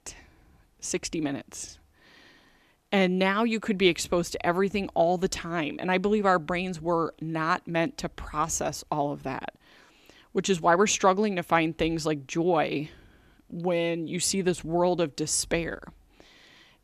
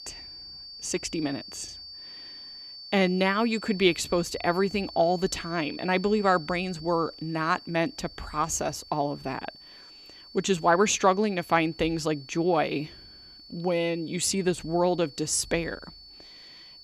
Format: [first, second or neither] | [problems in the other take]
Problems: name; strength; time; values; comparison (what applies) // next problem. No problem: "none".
first | high-pitched whine; noticeable; throughout; 4.5 kHz, 15 dB below the speech